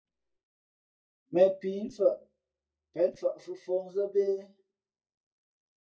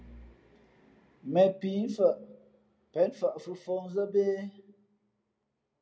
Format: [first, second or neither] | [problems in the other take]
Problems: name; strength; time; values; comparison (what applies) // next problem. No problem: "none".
second | noise reduction (neural mask model DeepFilterNet 3)